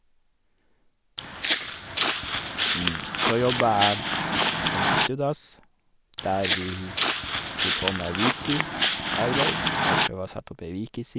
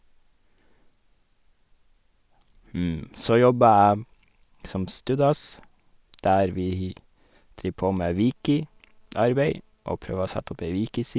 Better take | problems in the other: second | background sound (Walk, footsteps); 4 dB above the speech

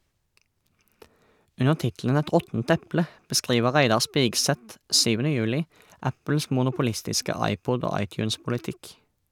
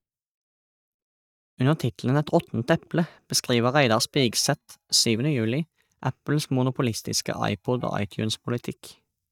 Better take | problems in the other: first | noise reduction (neural mask model DeepFilterNet 3)

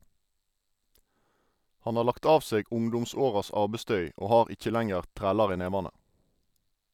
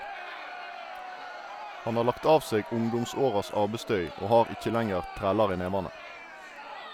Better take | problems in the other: first | background sound (Crowd); 12 dB below the speech

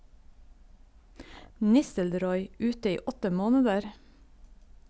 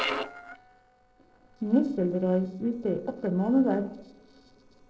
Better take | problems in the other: first | noise reduction (neural separator model SepFormer DNS4)

